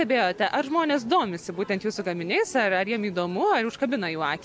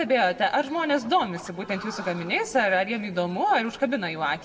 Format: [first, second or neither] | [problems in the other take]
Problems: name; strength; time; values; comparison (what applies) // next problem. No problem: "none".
first | background sound (Scratching (performance technique)); 18 dB below the speech // room echo; dies away in 0.8 s